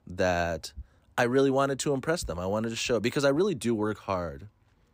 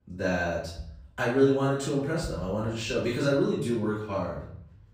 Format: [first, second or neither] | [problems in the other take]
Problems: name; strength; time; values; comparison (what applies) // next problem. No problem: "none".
first | off-mic speech; far // room echo; noticeable; dies away in 0.7 s